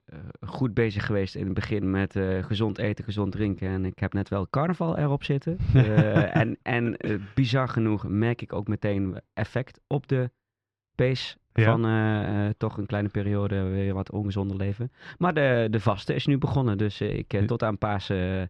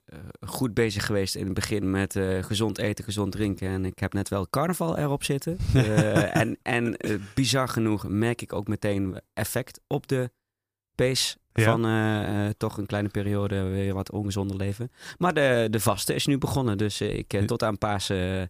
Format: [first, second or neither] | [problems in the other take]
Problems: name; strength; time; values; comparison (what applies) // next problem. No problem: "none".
second | muffled; slightly; fading above 3.5 kHz